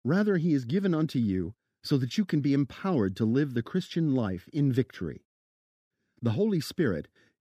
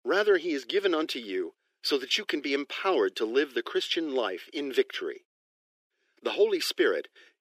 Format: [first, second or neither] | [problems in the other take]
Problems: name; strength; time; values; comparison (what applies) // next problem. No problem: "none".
first | thin; very; fading below 350 Hz